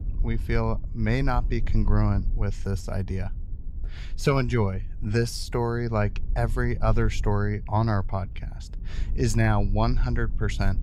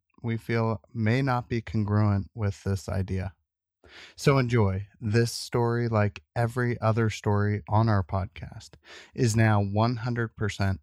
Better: second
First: low rumble; faint; throughout; 20 dB below the speech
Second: none

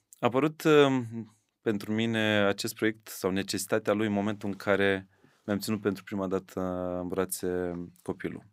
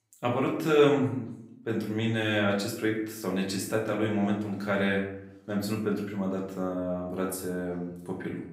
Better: first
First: none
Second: off-mic speech; far // room echo; noticeable; dies away in 0.6 s

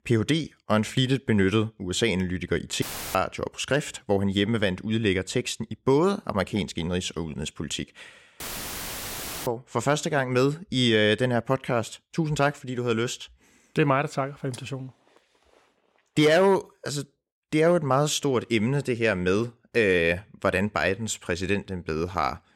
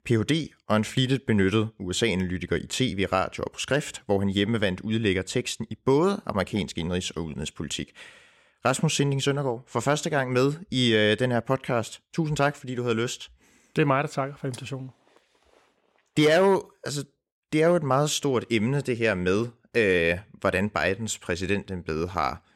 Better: second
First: audio cutting out; filled with static; at 3 s and at 8.5 s for 1 s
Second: none

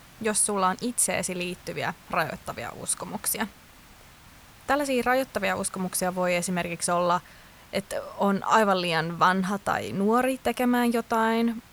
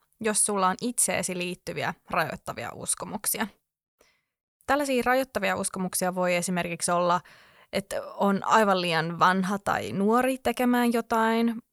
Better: second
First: hiss; faint; throughout; 25 dB below the speech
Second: none

